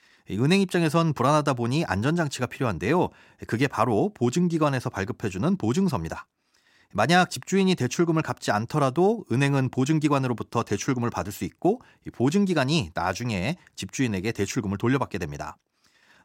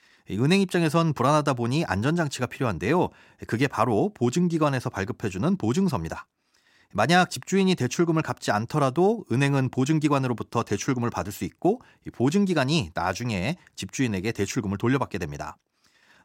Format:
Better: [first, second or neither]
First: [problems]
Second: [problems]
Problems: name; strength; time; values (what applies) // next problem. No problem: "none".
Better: neither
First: none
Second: none